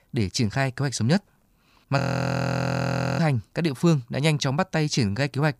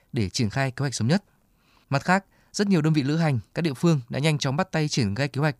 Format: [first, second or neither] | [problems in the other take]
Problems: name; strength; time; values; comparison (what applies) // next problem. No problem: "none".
second | audio freezing; at 2 s for 1 s